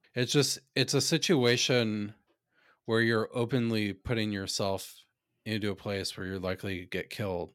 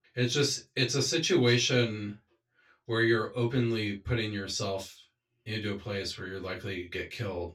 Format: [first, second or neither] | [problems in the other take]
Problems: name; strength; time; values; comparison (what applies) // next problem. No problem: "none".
first | room echo; very slight; dies away in 0.1 s // off-mic speech; far